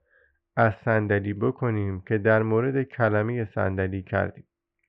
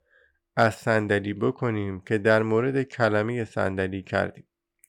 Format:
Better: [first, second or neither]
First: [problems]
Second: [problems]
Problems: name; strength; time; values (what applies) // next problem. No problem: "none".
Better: second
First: muffled; very; fading above 2.5 kHz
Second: none